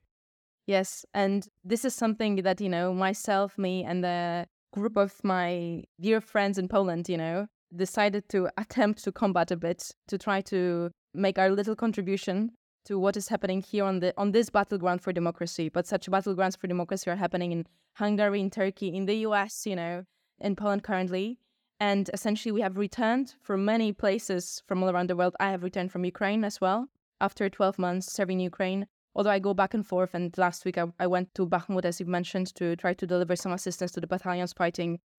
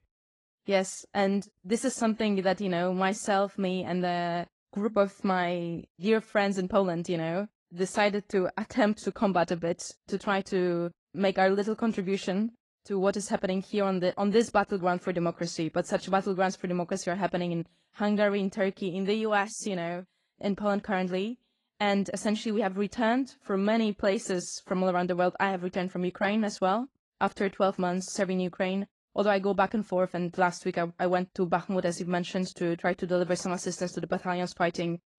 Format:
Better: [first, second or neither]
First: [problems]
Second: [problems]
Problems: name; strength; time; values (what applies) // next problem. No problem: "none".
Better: first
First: none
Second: garbled, watery; slightly; nothing above 10 kHz